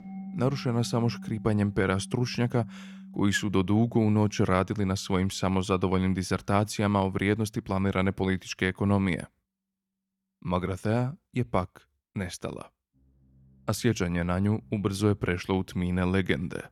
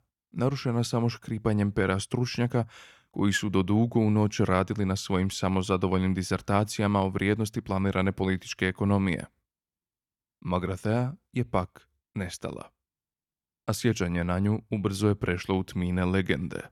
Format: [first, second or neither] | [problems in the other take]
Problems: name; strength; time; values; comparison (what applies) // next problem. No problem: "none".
second | background music; noticeable; throughout; 20 dB below the speech